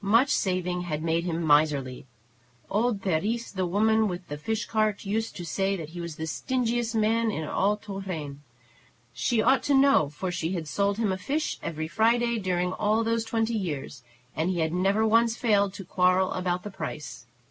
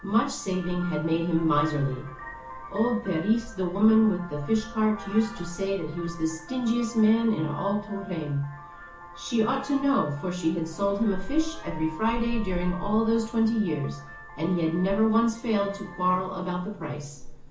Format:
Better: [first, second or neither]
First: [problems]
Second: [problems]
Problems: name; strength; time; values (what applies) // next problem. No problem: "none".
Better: first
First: none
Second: background sound (Vehicle horn, car horn, honking); 12 dB below the speech // room echo; dies away in 0.7 s